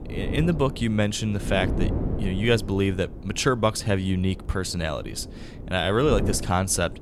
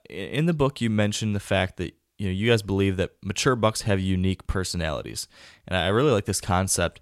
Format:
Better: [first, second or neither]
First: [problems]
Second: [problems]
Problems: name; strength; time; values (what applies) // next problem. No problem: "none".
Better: second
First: wind noise on the microphone; occasional gusts; 15 dB below the speech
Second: none